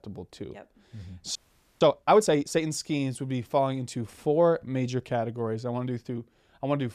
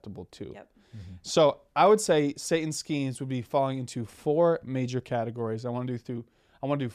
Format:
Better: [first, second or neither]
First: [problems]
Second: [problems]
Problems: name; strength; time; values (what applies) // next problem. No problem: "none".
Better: second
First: audio freezing; at 1.5 s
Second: none